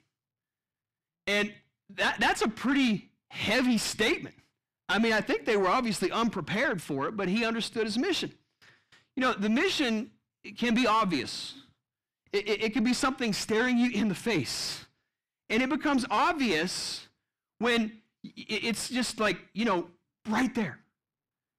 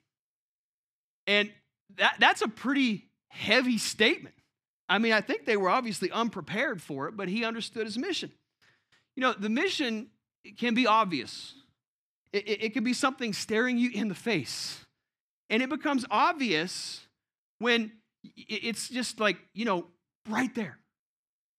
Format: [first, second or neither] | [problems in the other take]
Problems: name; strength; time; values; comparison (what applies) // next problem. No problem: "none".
second | distortion; heavy; 6 dB below the speech